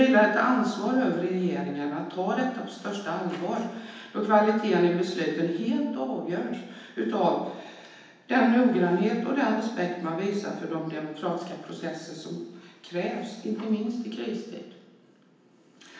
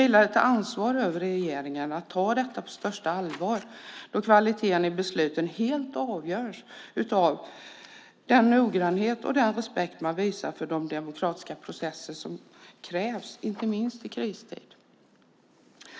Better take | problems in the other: second | room echo; dies away in 0.9 s

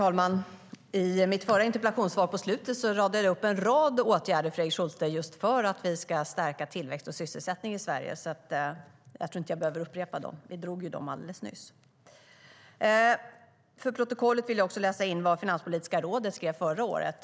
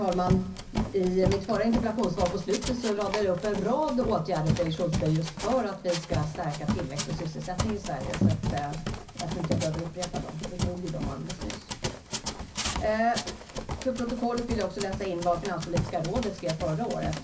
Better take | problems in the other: first | background sound (Run); 4 dB below the speech // room echo; dies away in 0.4 s

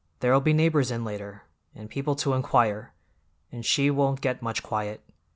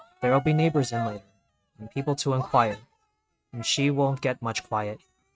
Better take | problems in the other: first | noise reduction (neural mask model RNNoise)

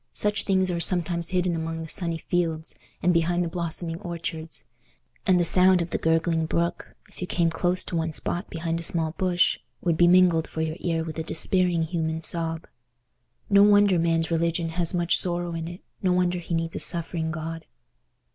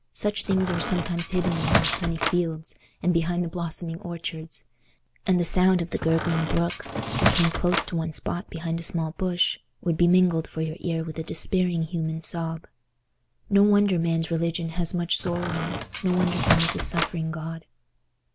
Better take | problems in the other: first | background sound (Squeak); 2 dB below the speech

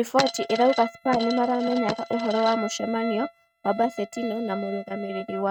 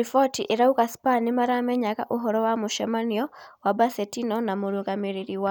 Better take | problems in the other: second | noise reduction (neural mask model RNNoise)

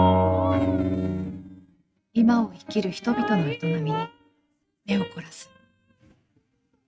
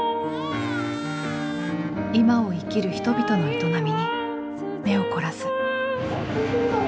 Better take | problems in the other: second | noise reduction (neural mask model RNNoise)

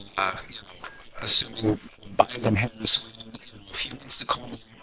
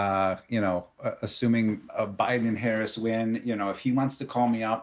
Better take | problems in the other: second | noise reduction (neural separator model SepFormer WHAM!)

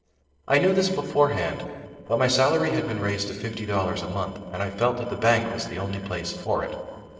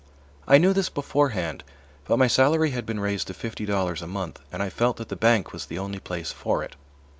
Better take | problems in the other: second | noise reduction (neural separator model SepFormer DNS4)

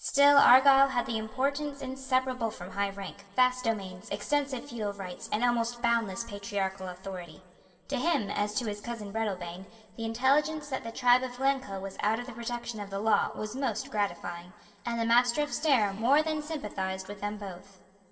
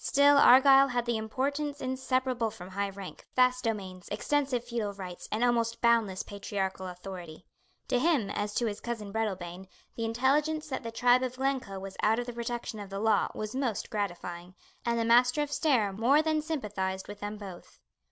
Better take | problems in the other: second | background sound (Water / Splash, splatter); 19 dB below the speech // room echo; dies away in 2.6 s

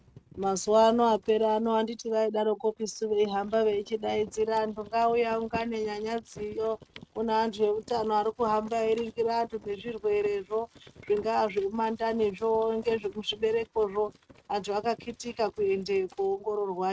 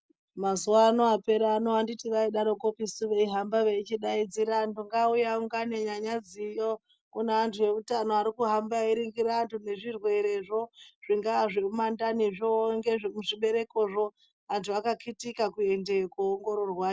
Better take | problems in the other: second | noise reduction (neural mask model RNNoise)

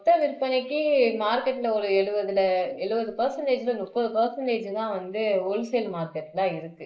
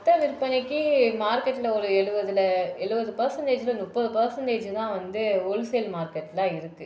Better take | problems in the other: second | noise reduction (neural mask model Resemble Enhance denoiser)

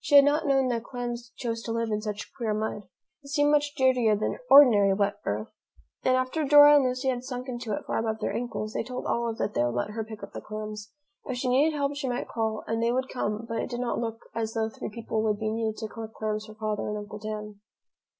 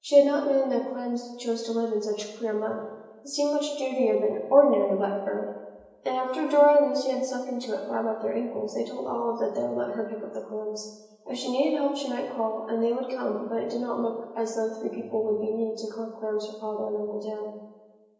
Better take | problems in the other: first | room echo; dies away in 1 s

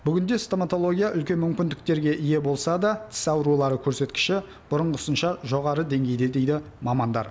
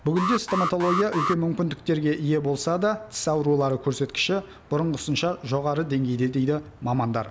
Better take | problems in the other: first | background sound (Alarm); 4 dB below the speech

